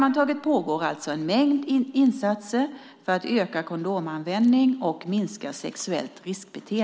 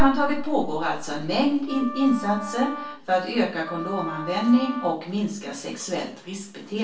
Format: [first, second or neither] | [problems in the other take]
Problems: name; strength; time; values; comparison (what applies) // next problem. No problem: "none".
first | background sound (Wind instrument, woodwind instrument); 11 dB below the speech // room echo; dies away in 0.3 s